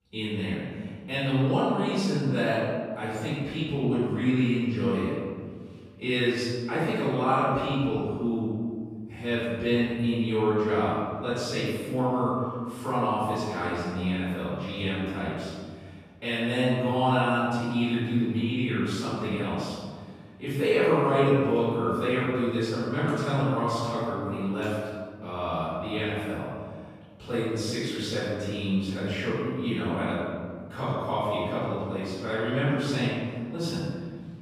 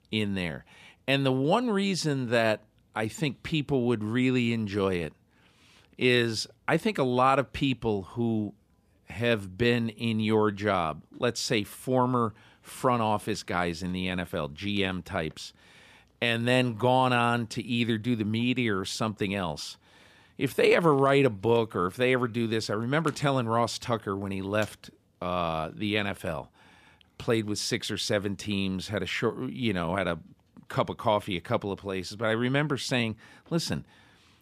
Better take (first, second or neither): second